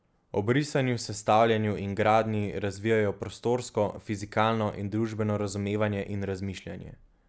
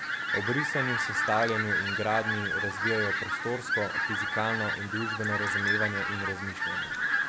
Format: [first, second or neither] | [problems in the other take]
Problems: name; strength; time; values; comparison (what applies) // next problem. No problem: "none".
first | background sound (Fowl); 3 dB above the speech